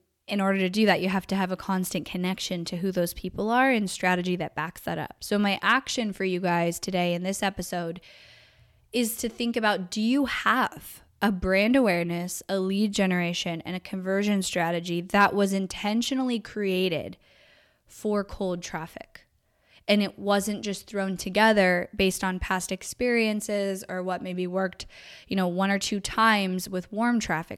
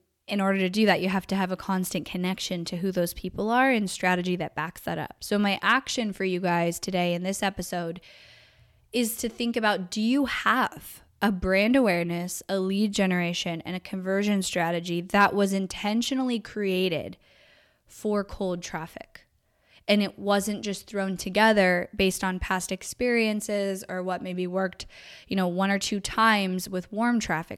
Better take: neither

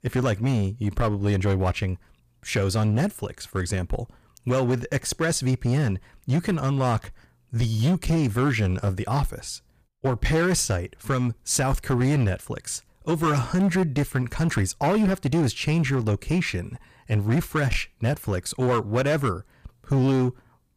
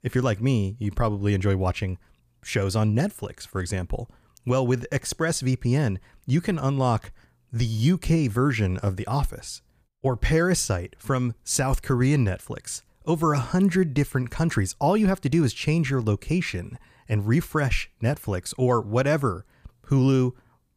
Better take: second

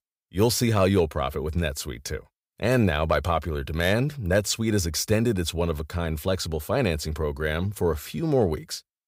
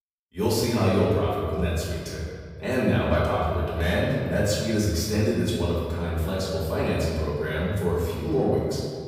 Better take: first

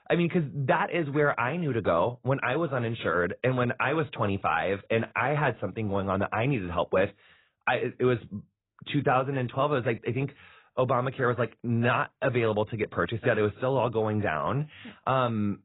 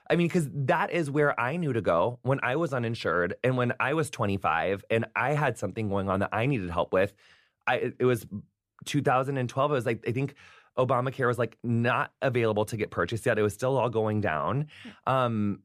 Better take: second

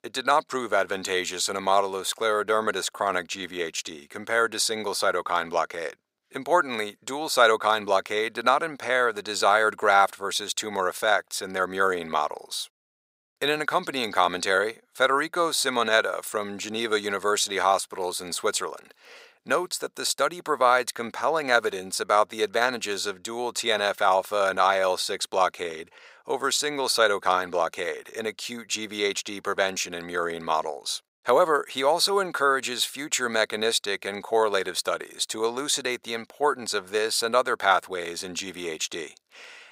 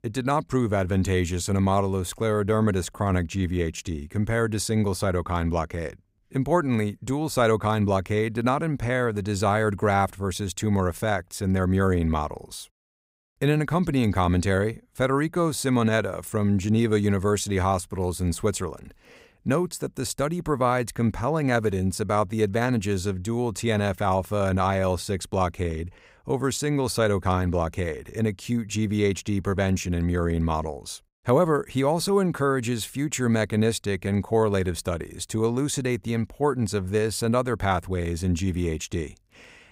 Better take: second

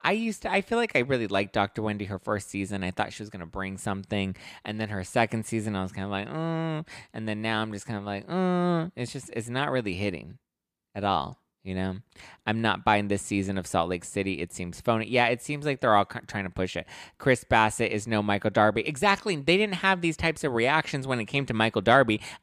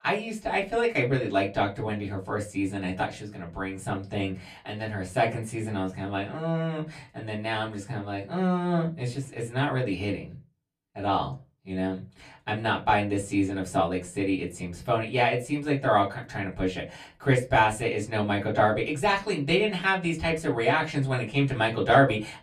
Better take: first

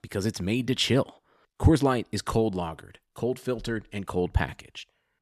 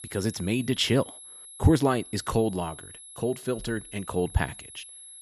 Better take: first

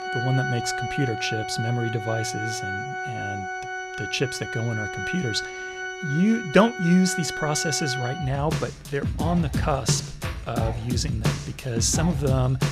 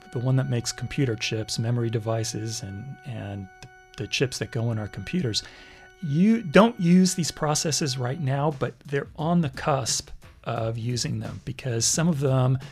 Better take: second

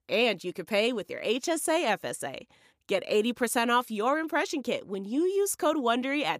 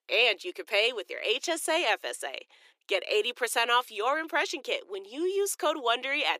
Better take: first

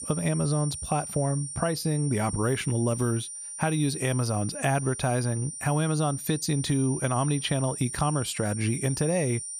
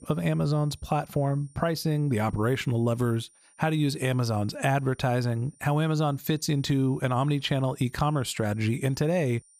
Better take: second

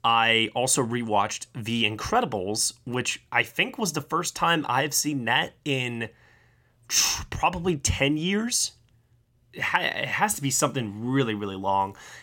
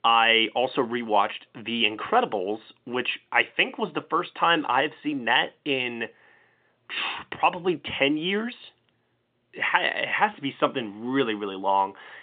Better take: first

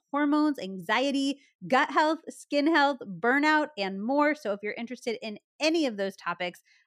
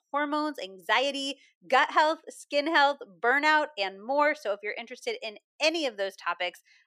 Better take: first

